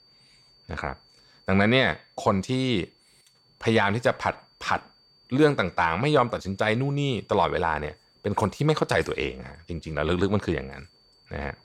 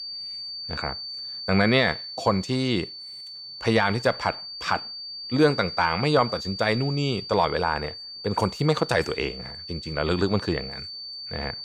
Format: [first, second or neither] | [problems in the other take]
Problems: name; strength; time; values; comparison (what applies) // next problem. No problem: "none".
first | high-pitched whine; loud; throughout; 4.5 kHz, 9 dB below the speech; faint in the first